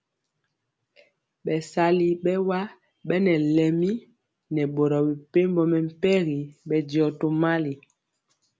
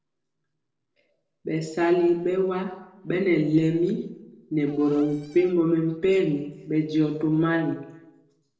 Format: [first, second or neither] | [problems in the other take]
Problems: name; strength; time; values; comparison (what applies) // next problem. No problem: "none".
first | noise reduction (neural separator model SepFormer DNS4)